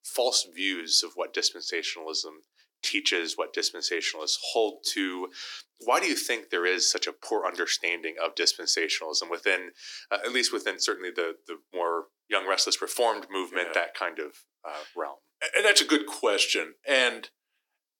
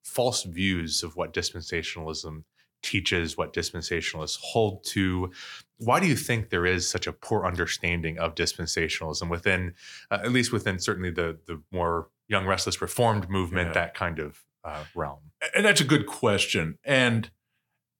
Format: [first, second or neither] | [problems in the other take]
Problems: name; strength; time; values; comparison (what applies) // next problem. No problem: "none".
second | thin; somewhat; fading below 300 Hz